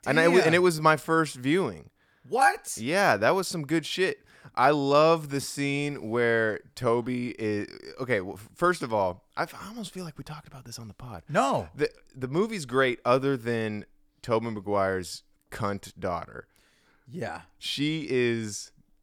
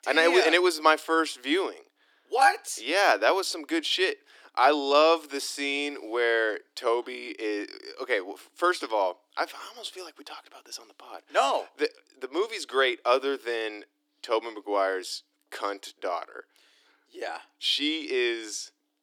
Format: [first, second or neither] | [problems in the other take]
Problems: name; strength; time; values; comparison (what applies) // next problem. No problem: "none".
first | thin; somewhat; fading below 300 Hz